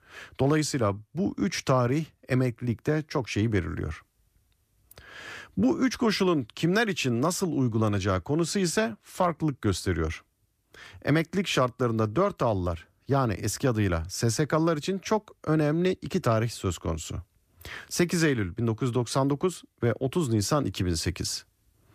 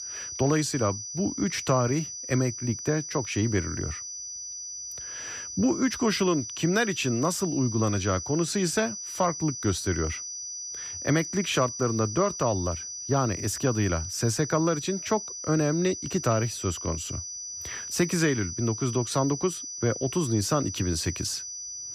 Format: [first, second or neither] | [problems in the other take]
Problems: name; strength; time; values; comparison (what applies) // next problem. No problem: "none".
first | high-pitched whine; loud; throughout; 6 kHz, 7 dB below the speech